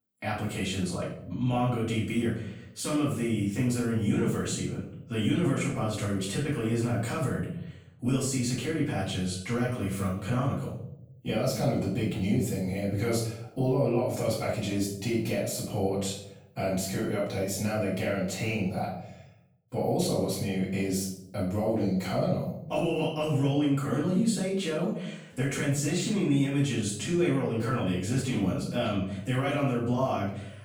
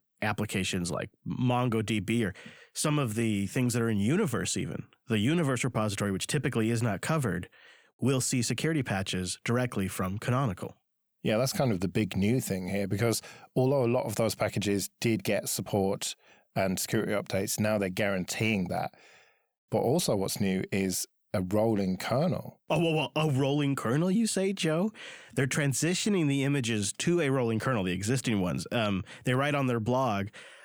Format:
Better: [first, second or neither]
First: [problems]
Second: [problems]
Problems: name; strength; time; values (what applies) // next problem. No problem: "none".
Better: second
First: off-mic speech; far // room echo; noticeable; dies away in 0.6 s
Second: none